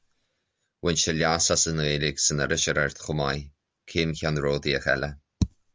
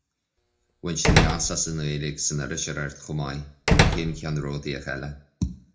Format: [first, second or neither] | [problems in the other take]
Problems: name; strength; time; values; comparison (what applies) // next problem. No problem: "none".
first | background sound (Slam); 5 dB above the speech // room echo; dies away in 0.4 s